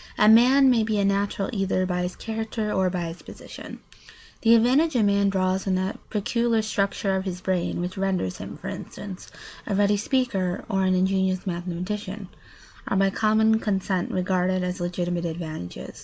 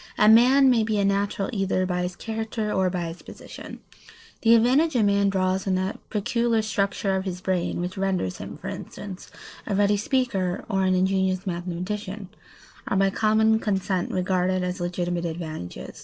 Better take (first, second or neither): first